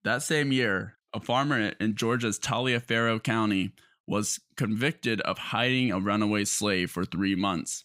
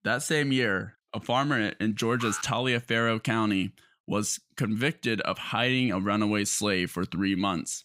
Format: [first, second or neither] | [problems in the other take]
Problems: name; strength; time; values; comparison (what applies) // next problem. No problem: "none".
first | alarm; noticeable; at 2 s; peak 9 dB below the speech